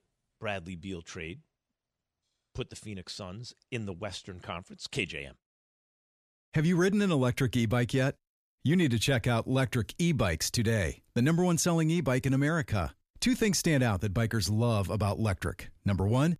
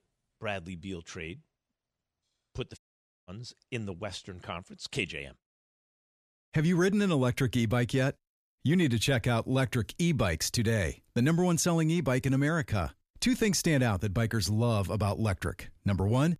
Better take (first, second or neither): first